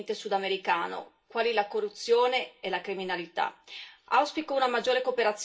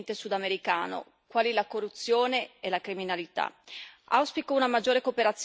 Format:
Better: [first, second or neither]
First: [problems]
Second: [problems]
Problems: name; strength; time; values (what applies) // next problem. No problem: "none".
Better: second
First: room echo; dies away in 0.2 s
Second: none